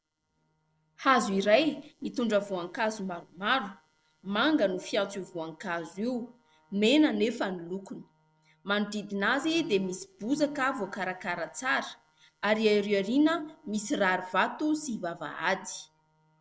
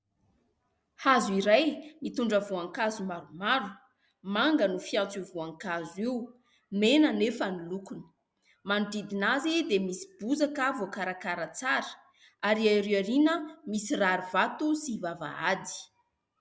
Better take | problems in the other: second | noise reduction (neural separator model SepFormer DNS4)

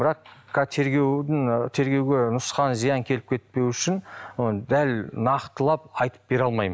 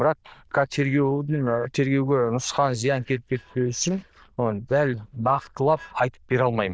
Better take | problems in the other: first | noise reduction (neural diffusion model UNIVERSE++)

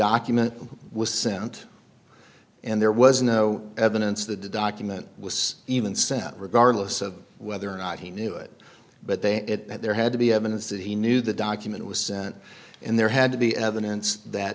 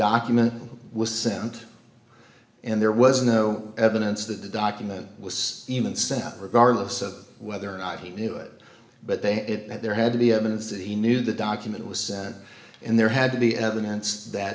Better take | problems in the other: first | room echo; dies away in 0.8 s

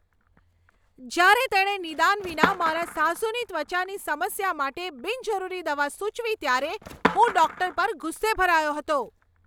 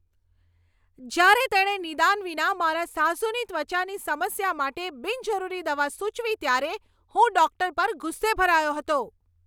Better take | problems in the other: second | background sound (Skateboard); 11 dB below the speech

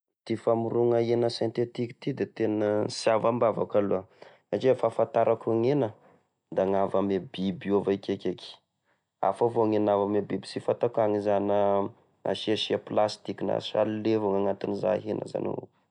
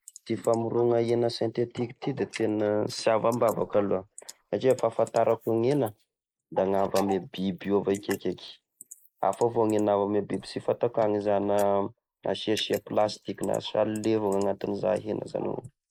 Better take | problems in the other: first | noise reduction (neural mask model Resemble Enhance denoiser)

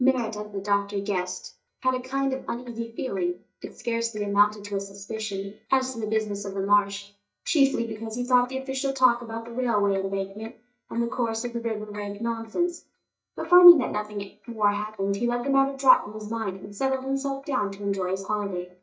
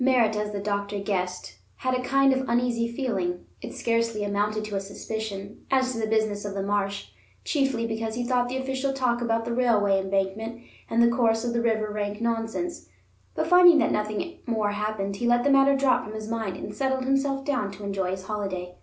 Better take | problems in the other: second | noise reduction (neural mask model DeepFilterNet 3)

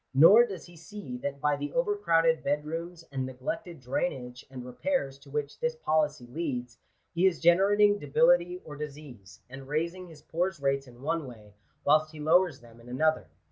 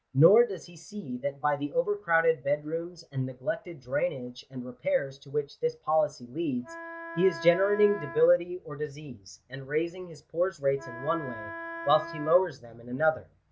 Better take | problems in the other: first | background sound (Wind instrument, woodwind instrument); 12 dB below the speech

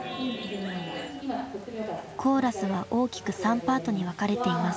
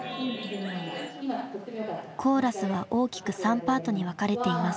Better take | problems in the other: second | background sound (Rain); 18 dB below the speech

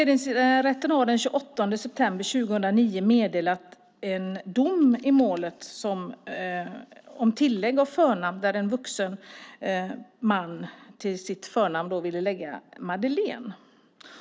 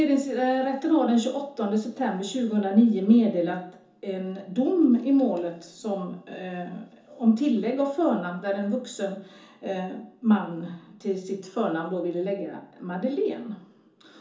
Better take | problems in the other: first | room echo; dies away in 0.7 s

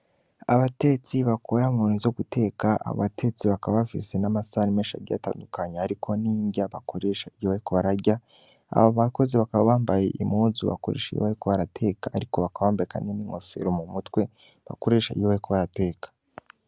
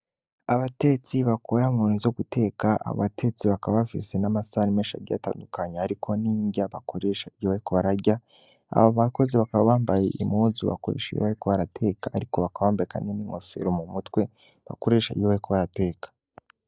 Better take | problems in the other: first | noise reduction (neural mask model DeepFilterNet 3)

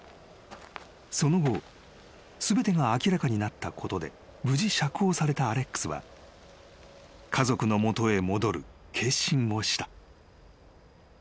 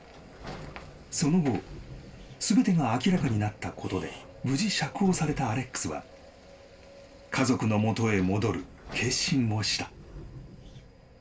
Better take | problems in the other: first | background sound (Squeak / Sliding door); 17 dB below the speech // room echo; dies away in 0.2 s

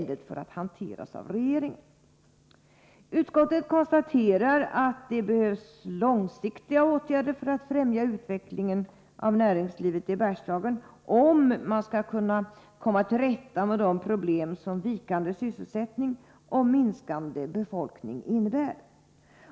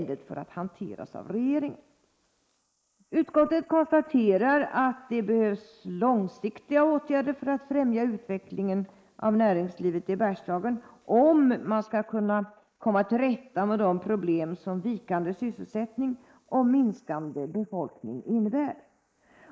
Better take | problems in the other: first | noise reduction (neural mask model Resemble Enhance denoiser)

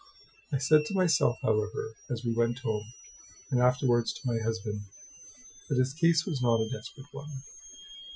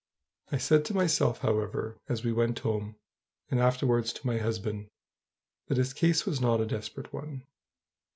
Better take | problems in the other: second | noise reduction (classical method Wiener filter)

